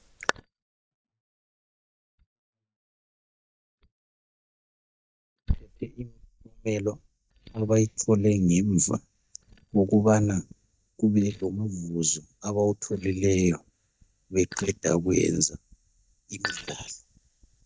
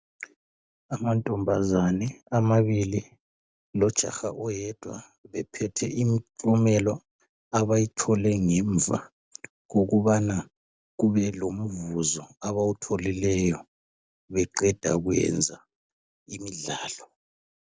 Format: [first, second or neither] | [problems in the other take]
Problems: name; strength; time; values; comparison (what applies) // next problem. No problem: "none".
second | noise reduction (neural mask model DeepFilterNet 3)